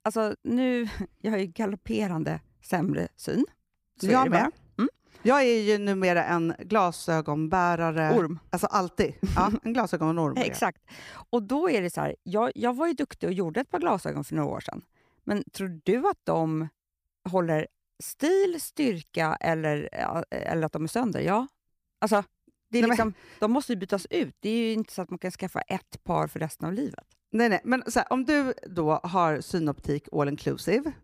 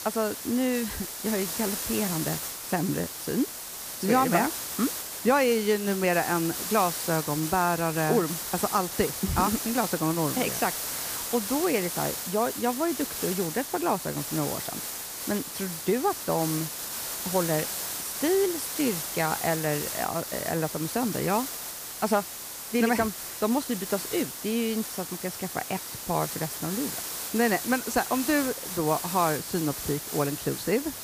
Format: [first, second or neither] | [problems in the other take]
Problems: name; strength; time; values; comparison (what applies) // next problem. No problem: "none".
first | hiss; loud; throughout; 4 dB below the speech